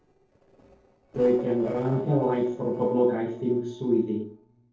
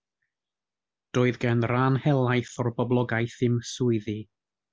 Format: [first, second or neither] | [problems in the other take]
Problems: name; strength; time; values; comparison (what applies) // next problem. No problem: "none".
second | noise reduction (neural separator model SepFormer DNS4)